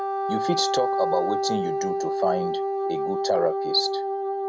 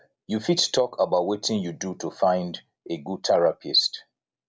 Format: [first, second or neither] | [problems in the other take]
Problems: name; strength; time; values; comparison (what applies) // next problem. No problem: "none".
second | background sound (Wind instrument, woodwind instrument); 2 dB above the speech